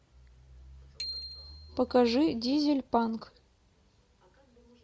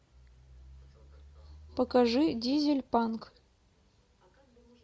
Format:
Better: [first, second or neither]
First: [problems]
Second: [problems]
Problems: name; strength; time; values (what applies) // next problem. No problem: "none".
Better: second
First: background sound (Bicycle bell); 15 dB below the speech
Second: none